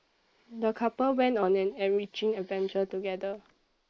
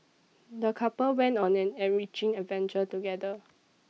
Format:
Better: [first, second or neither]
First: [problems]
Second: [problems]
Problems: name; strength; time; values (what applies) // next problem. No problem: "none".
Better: second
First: noise reduction (neural mask model Resemble Enhance denoiser)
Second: none